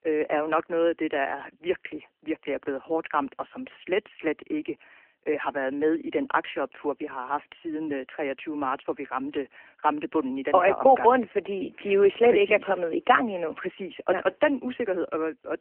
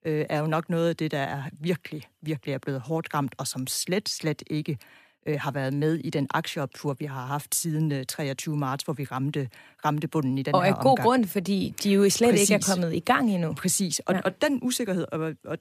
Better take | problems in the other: second | phone-call audio; nothing above 3 kHz

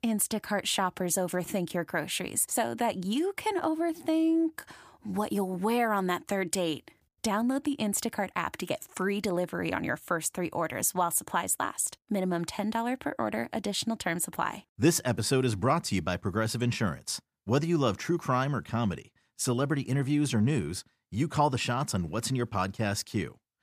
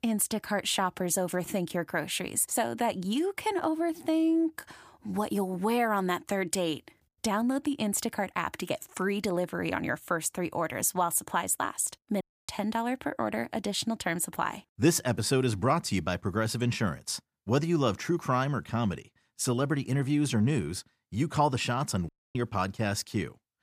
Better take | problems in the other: first | audio cutting out; at 12 s and at 22 s

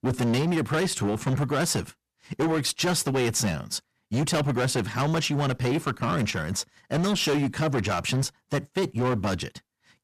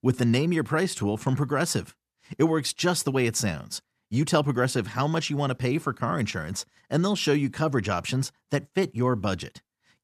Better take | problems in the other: second | distortion; heavy; 19% of the sound clipped

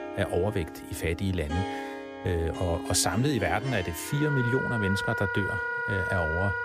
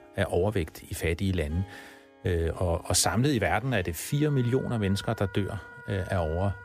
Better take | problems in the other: second | background music; loud; throughout; 4 dB below the speech; faint in the second

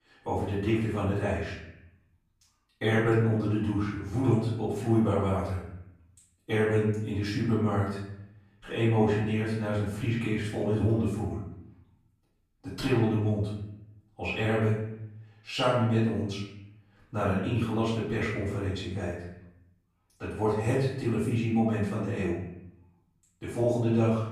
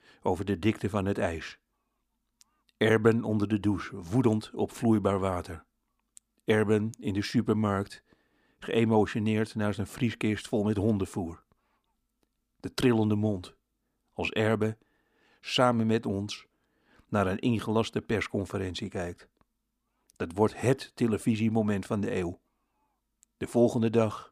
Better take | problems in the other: second | off-mic speech; far // room echo; noticeable; dies away in 0.8 s

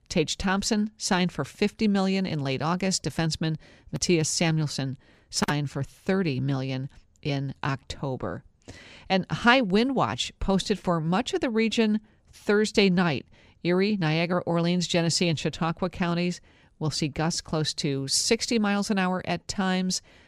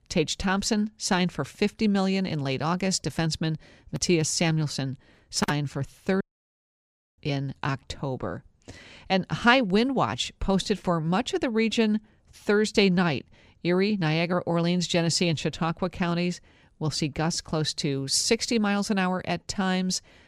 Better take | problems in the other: first | audio cutting out; at 6 s for 1 s

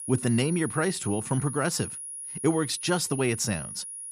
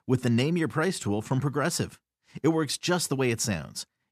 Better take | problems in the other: second | high-pitched whine; loud; throughout; 10.5 kHz, 8 dB below the speech

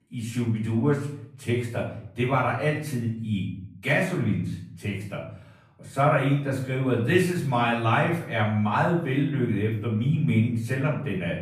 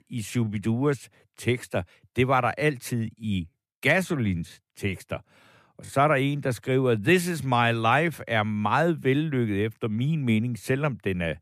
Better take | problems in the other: second | off-mic speech; far // room echo; noticeable; dies away in 0.6 s

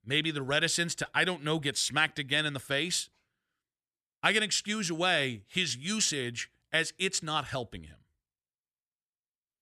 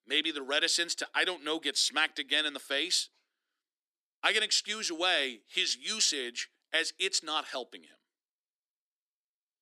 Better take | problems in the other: first | thin; somewhat; fading below 250 Hz

